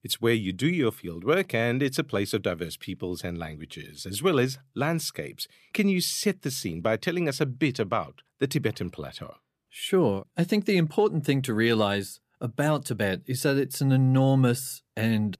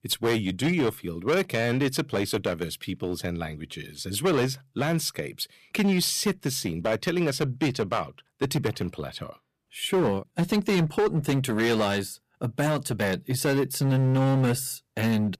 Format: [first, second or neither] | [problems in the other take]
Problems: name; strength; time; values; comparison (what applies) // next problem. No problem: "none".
first | distortion; slight; 10% of the sound clipped